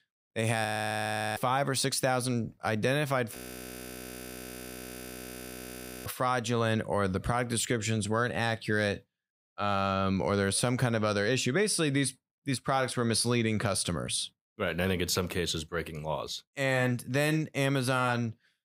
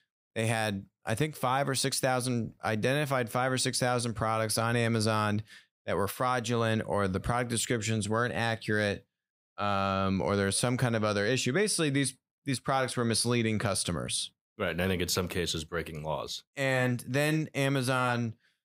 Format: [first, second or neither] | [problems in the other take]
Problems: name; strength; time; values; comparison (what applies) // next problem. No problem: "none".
second | audio freezing; at 0.5 s for 0.5 s and at 3.5 s for 2.5 s